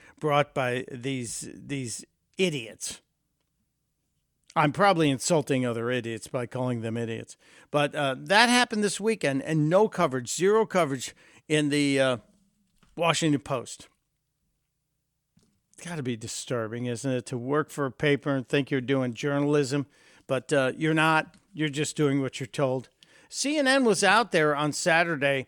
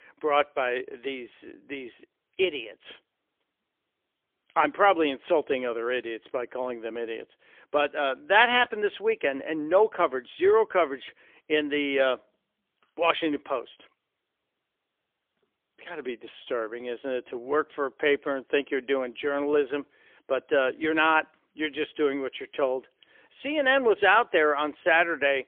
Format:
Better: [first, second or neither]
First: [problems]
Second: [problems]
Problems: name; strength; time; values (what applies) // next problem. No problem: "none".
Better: first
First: none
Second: phone-call audio; poor line; nothing above 3.5 kHz